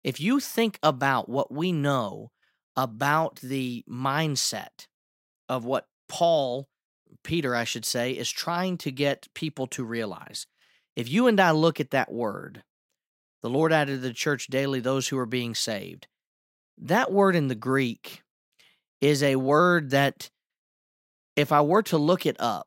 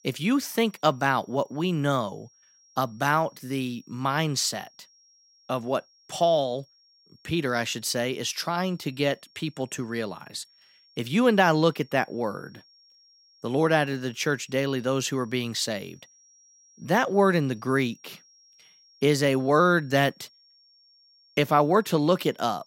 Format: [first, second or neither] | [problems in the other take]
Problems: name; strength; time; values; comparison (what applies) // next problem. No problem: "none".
first | high-pitched whine; faint; throughout; 5.5 kHz, 30 dB below the speech